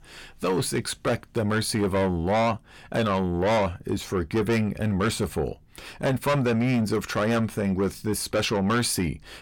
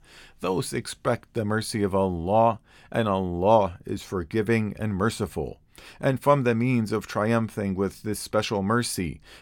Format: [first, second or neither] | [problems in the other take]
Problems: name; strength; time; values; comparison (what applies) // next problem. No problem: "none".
second | distortion; heavy; 6 dB below the speech